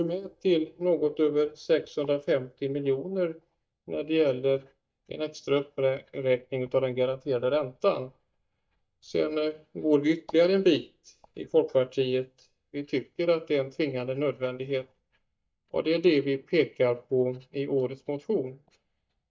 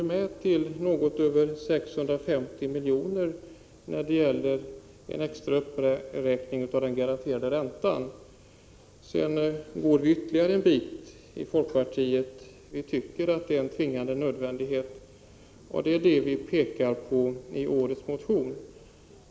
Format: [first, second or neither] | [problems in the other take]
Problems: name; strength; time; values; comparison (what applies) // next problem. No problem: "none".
second | noise reduction (neural mask model DeepFilterNet 3)